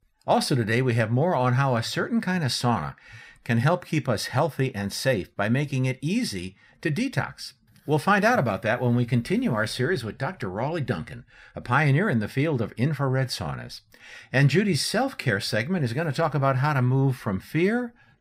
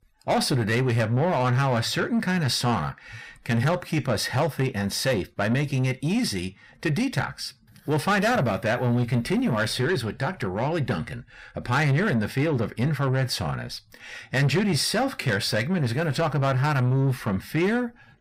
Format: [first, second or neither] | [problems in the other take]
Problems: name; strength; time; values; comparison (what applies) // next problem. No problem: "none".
first | distortion; slight; 10 dB below the speech